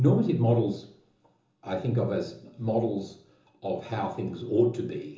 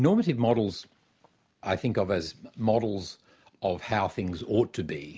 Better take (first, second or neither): second